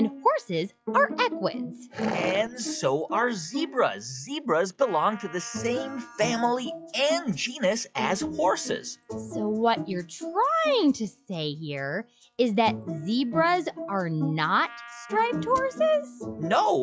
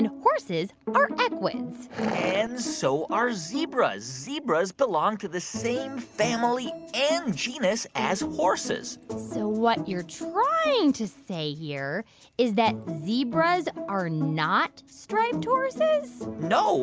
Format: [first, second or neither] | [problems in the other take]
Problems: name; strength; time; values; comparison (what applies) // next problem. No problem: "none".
second | noise reduction (classical method log-MMSE)